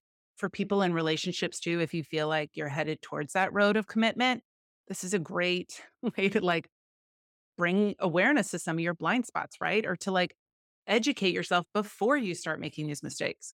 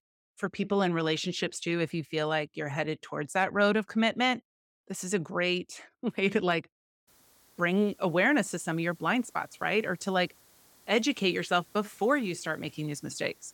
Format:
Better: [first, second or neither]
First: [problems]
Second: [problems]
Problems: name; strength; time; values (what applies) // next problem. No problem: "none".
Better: first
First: none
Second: hiss; faint; from 7 s on; 30 dB below the speech